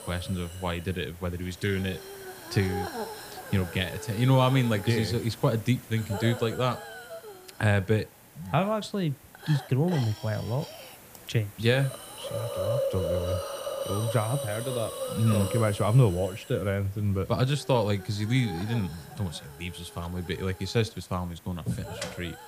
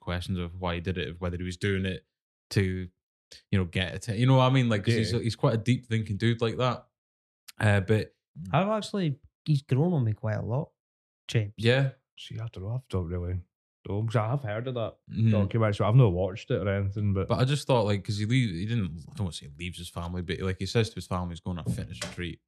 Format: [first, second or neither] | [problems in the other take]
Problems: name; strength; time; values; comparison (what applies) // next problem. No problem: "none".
second | hiss; loud; throughout; 9 dB below the speech